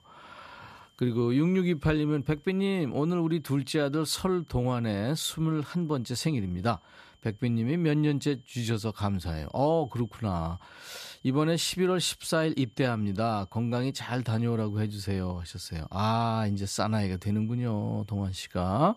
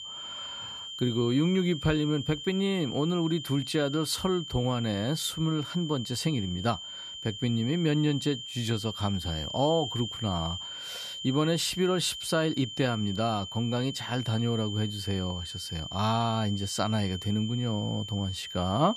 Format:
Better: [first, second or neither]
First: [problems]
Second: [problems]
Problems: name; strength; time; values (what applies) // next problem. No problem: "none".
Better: first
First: high-pitched whine; faint; throughout; 3 kHz, 35 dB below the speech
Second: high-pitched whine; loud; throughout; 3 kHz, 8 dB below the speech